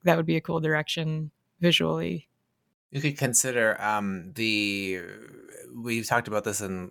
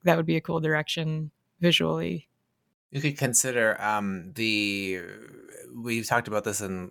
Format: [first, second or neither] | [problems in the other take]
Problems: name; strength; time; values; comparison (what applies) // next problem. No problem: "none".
neither | none